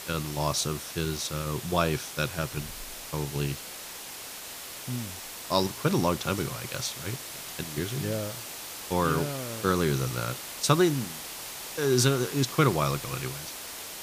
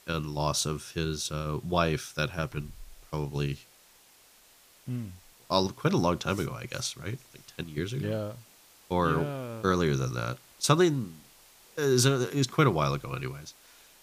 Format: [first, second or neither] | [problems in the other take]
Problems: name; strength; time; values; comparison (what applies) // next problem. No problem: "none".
second | hiss; loud; throughout; 8 dB below the speech; faint in the second